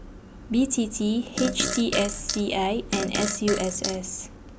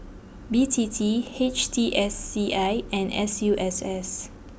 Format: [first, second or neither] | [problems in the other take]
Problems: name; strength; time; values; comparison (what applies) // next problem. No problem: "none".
second | background sound (Fart); 5 dB below the speech